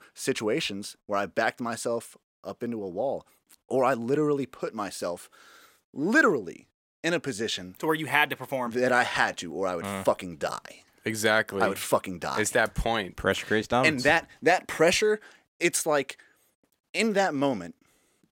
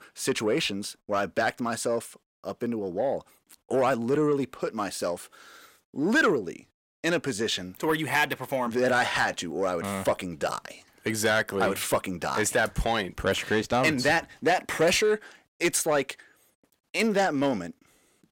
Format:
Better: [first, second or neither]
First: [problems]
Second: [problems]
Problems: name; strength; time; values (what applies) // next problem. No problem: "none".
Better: first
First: none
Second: distortion; slight; 10 dB below the speech